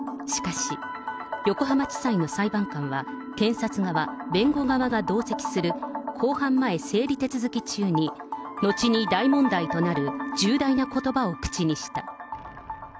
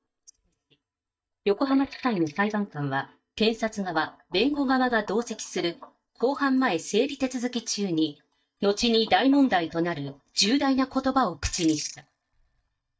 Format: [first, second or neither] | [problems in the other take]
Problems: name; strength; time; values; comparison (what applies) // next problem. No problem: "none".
first | noise reduction (neural mask model DeepFilterNet 3)